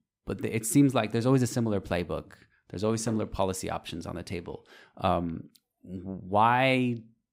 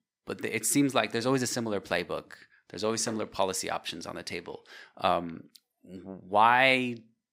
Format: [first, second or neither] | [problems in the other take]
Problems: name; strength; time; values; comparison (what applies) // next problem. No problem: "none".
first | thin; very slightly; fading below 900 Hz